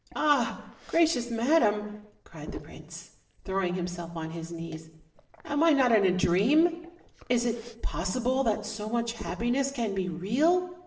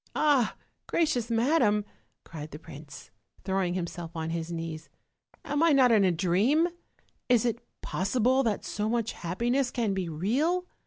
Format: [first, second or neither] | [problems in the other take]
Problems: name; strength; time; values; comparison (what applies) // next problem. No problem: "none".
second | noise reduction (neural separator model SepFormer DNS4)